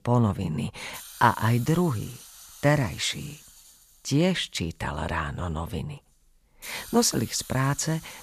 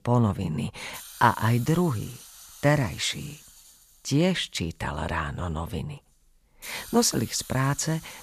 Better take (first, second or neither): neither